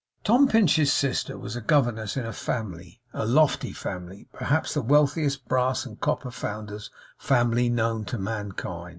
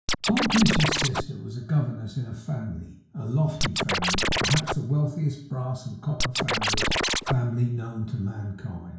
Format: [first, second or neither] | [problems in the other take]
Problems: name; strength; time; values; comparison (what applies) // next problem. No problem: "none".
first | background sound (Scratching (performance technique)); 2 dB above the speech // room echo; dies away in 0.6 s